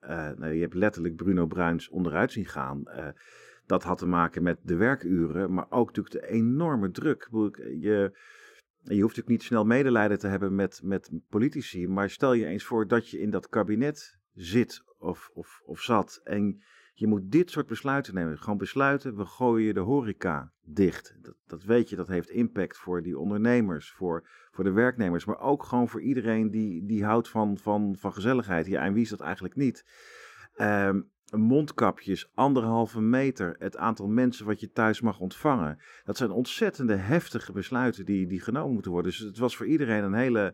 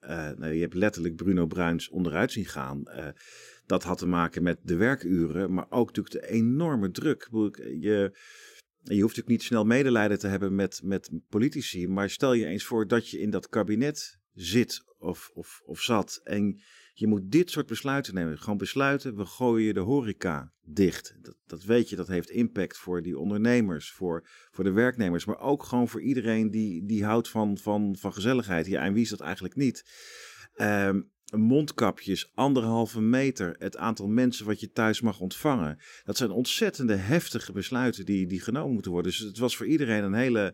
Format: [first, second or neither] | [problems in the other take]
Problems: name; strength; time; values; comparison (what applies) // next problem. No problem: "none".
second | muffled; slightly; fading above 2.5 kHz